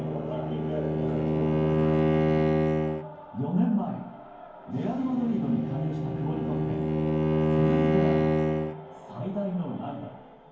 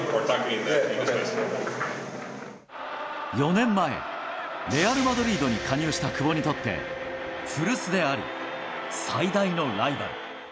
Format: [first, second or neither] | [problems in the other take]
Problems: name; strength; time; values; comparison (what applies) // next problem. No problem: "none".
second | background sound (Bowed string instrument); 5 dB above the speech // room echo; dies away in 0.9 s